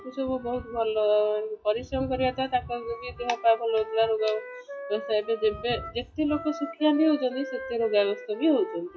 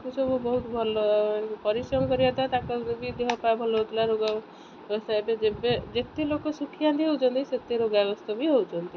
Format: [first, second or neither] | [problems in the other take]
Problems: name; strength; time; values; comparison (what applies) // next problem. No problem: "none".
second | noise reduction (classical method WPE with log-MMSE)